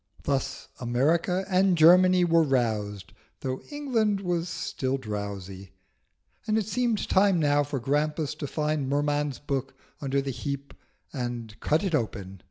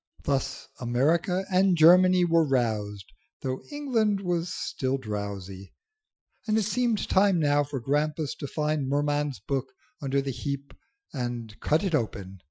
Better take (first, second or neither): first